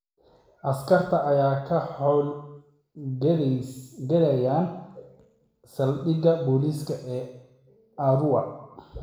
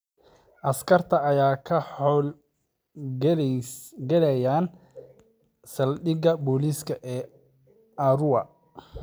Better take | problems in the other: second | room echo; dies away in 0.8 s

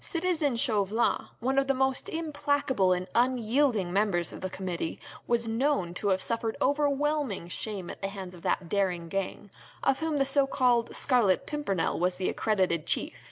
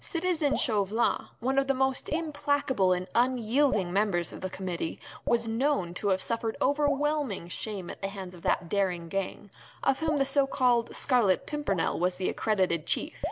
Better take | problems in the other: first | background sound (Drip); 13 dB below the speech

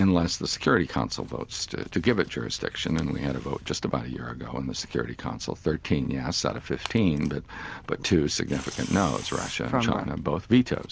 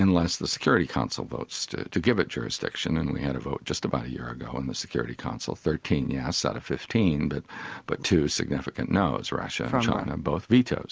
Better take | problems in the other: second | background sound (Tearing); 19 dB below the speech

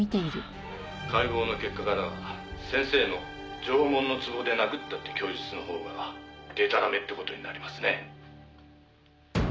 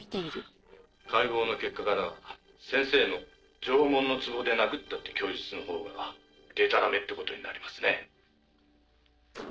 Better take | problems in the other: first | noise reduction (neural separator model SepFormer DNS4)

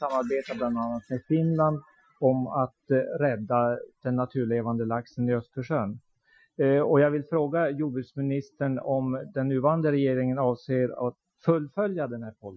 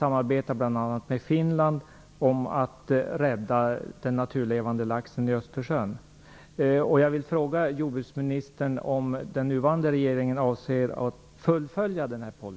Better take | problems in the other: second | noise reduction (classical method Wiener filter)

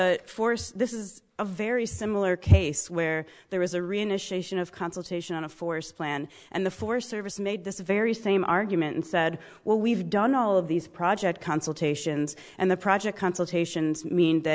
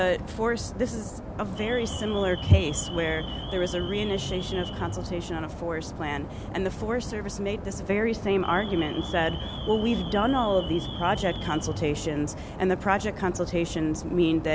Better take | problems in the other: first | background sound (Alarm); 7 dB below the speech

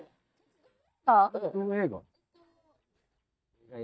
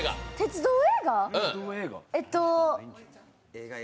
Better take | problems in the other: second | noise reduction (neural mask model DeepFilterNet 3)

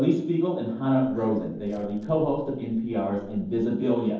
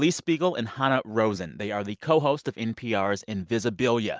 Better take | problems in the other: second | noise reduction (neural separator model SepFormer DNS4)

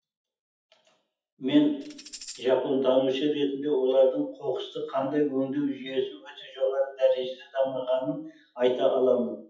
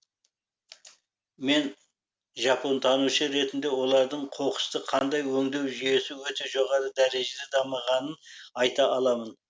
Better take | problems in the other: second | noise reduction (classical method WPE with log-MMSE)

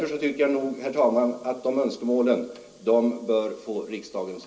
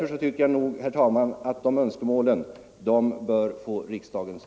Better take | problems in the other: second | room echo; dies away in 0.2 s

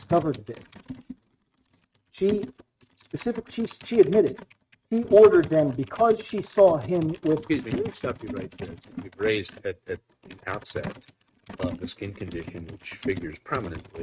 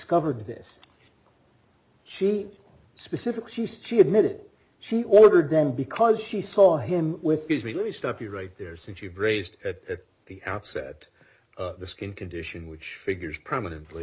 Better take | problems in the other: second | noise reduction (neural mask model RNNoise)

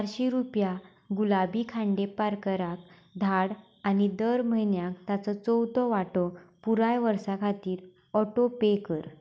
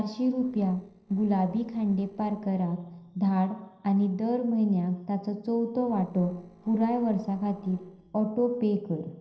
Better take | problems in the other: first | noise reduction (neural separator model SepFormer DNS4)

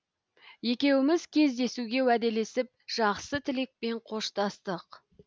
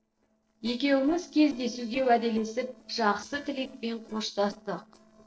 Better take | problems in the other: first | noise reduction (neural separator model SepFormer DNS4)

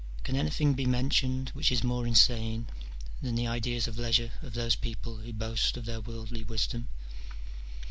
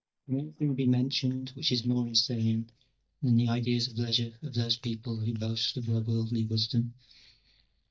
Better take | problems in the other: first | noise reduction (neural mask model DeepFilterNet 3)

